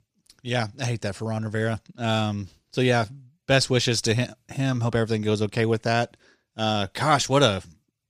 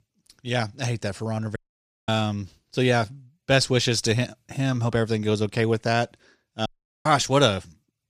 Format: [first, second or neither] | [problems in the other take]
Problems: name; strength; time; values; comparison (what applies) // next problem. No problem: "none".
first | audio cutting out; at 1.5 s for 0.5 s and at 6.5 s